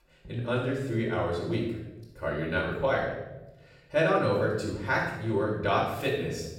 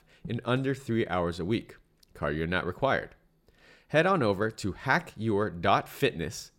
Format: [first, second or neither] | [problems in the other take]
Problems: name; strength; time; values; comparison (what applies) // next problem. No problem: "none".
second | off-mic speech; far // room echo; noticeable; dies away in 0.9 s